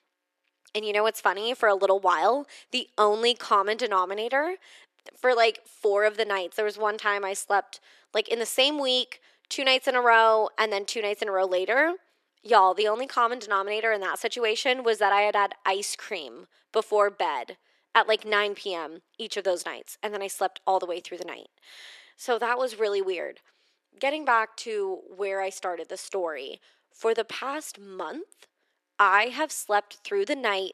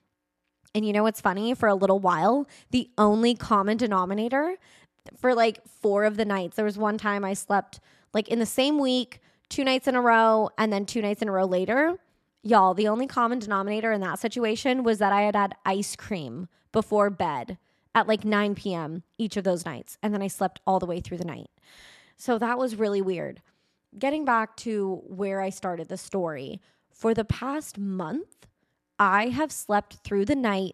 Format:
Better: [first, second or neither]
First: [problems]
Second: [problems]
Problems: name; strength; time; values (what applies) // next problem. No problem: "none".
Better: second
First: thin; very; fading below 400 Hz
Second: none